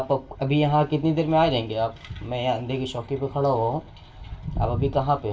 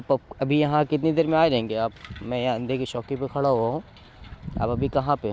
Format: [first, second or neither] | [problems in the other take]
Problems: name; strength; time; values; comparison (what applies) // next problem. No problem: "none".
second | room echo; dies away in 0.3 s